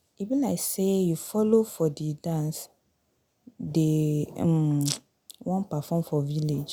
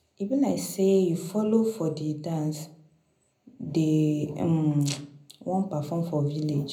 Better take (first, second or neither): first